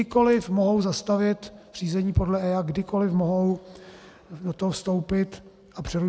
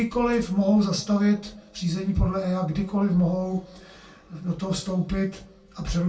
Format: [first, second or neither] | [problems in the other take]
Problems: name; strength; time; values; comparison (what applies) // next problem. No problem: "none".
first | room echo; dies away in 0.2 s